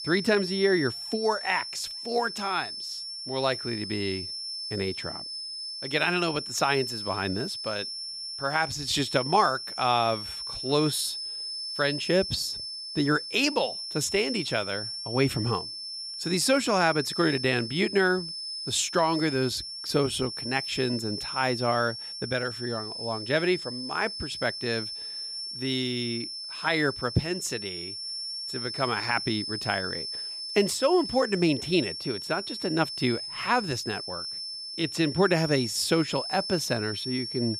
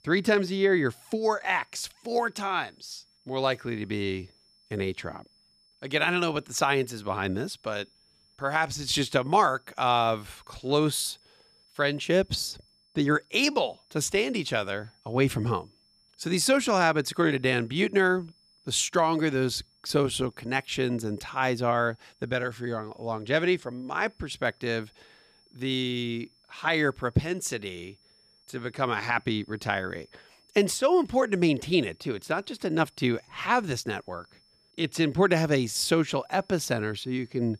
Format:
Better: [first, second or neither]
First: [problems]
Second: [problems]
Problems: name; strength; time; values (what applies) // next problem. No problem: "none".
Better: second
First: high-pitched whine; loud; throughout; 5.5 kHz, 6 dB below the speech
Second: high-pitched whine; faint; throughout; 5.5 kHz, 35 dB below the speech